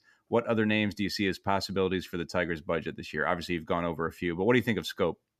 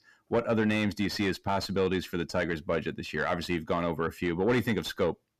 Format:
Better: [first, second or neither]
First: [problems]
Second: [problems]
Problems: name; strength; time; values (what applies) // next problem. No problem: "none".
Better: first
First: none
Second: distortion; slight; 10 dB below the speech